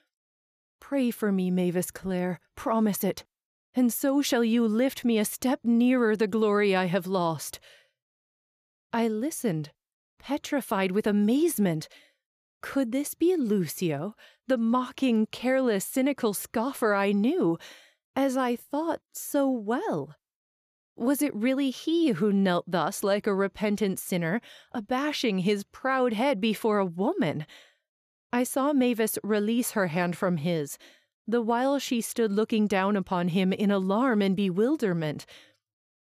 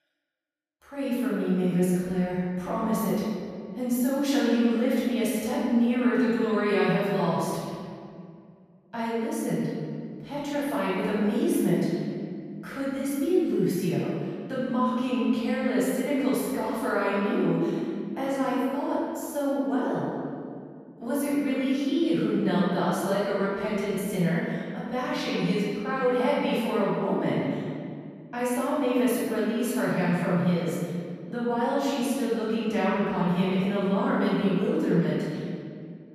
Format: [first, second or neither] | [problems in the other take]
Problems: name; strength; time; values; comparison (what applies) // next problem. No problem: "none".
first | off-mic speech; far // room echo; strong; dies away in 2 s